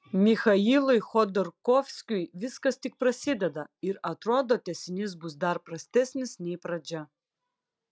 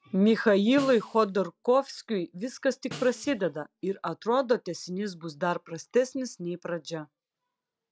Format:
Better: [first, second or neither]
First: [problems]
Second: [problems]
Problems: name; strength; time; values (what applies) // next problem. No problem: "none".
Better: first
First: none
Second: background sound (Snare drum); 20 dB below the speech